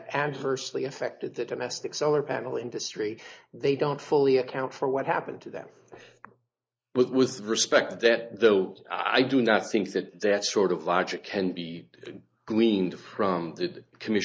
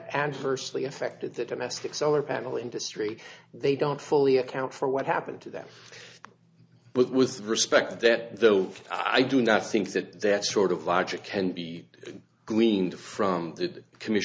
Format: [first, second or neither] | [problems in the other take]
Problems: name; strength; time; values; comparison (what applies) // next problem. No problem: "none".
second | noise reduction (neural mask model Resemble Enhance denoiser)